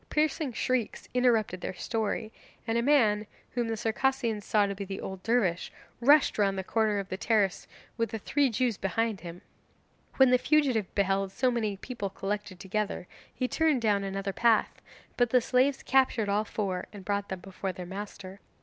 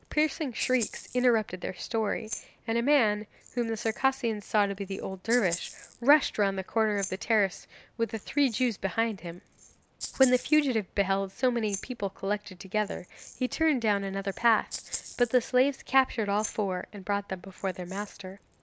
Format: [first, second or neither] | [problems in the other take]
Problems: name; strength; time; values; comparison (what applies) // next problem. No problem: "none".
first | background sound (Rattle (instrument)); 17 dB below the speech